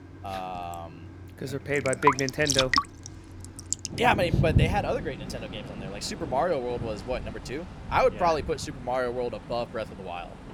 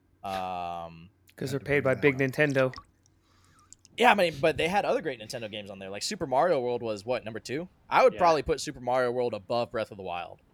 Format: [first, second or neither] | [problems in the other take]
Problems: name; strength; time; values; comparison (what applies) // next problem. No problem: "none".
second | rain or running water; loud; throughout; 1 dB below the speech; faint in the second